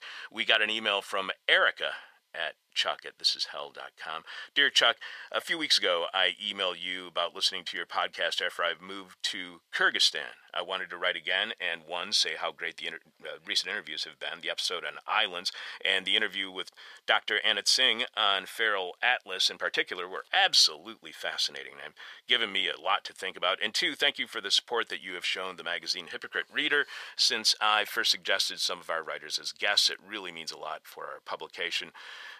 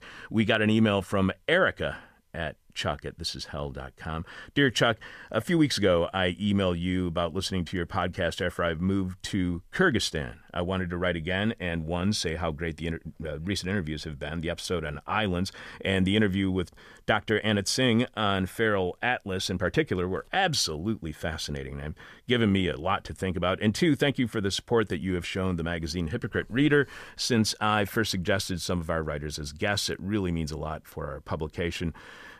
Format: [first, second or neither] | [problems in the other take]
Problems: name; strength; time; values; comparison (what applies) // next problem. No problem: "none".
second | thin; very; fading below 750 Hz